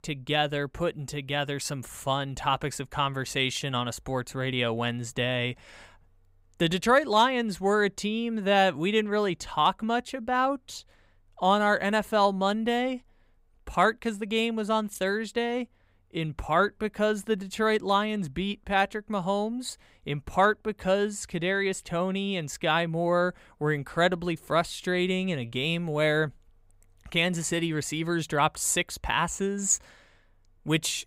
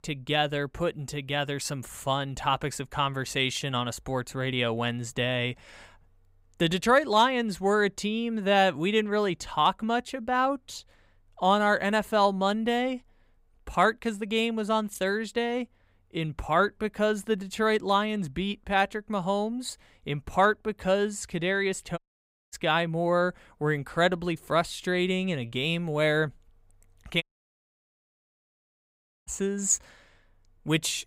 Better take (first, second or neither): first